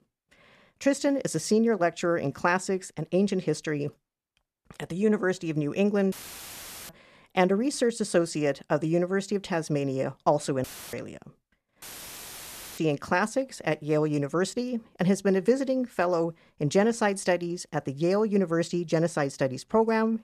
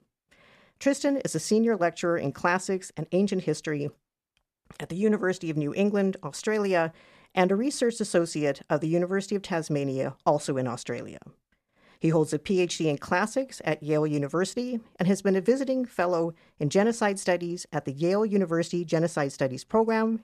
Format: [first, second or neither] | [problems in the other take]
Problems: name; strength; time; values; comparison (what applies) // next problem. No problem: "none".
second | audio cutting out; filled with static; at 6 s for 1 s, at 11 s and at 12 s for 1 s